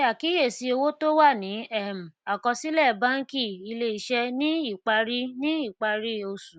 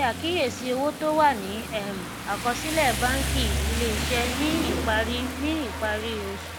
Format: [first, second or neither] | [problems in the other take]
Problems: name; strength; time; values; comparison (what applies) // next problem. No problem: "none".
first | background sound (Rain); 3 dB below the speech